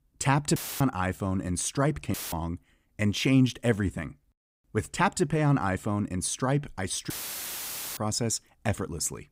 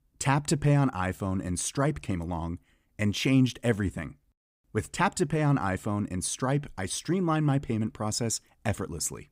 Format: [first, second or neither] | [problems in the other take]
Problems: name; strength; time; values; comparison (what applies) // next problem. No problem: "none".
second | audio cutting out; filled with static; at 0.5 s, at 2 s and at 7 s for 1 s